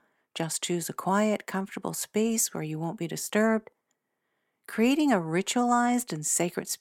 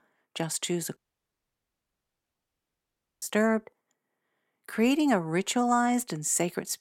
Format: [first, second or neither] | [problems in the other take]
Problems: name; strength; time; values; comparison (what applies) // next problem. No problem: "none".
first | audio cutting out; at 1 s for 2.5 s